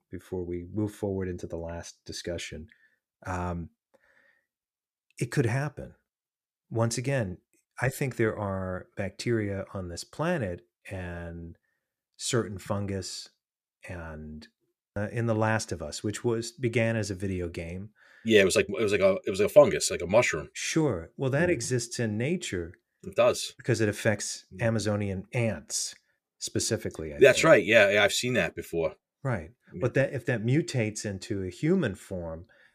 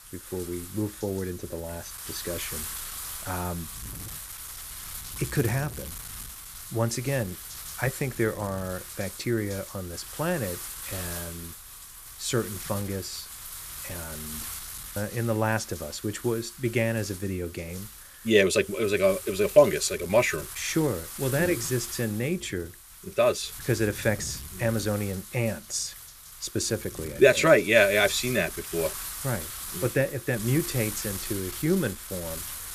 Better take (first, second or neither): first